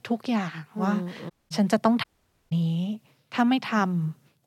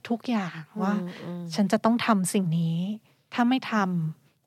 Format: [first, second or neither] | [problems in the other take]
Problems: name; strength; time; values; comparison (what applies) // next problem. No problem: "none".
second | audio cutting out; at 1.5 s and at 2 s